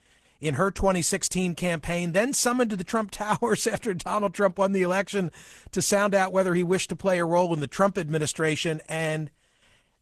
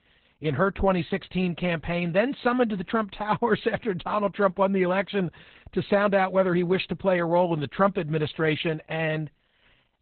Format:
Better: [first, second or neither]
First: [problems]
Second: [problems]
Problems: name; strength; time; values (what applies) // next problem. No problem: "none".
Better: first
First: garbled, watery; slightly; nothing above 13.5 kHz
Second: garbled, watery; badly; nothing above 4 kHz